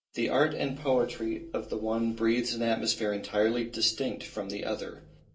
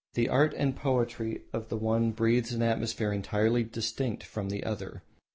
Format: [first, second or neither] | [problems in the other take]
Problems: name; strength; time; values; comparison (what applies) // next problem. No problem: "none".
second | room echo; dies away in 0.2 s